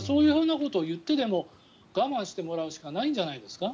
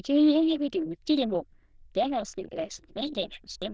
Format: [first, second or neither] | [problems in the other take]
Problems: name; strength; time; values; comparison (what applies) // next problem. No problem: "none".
first | noise reduction (neural diffusion model UNIVERSE++)